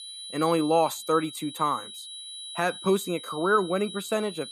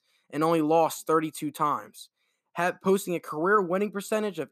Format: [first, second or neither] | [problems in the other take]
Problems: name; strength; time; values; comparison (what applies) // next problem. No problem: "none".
second | high-pitched whine; noticeable; throughout; 4 kHz, 10 dB below the speech